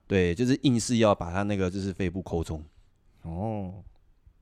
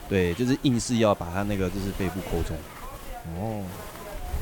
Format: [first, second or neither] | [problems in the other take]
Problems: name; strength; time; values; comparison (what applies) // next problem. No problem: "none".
first | hiss; noticeable; throughout; 15 dB below the speech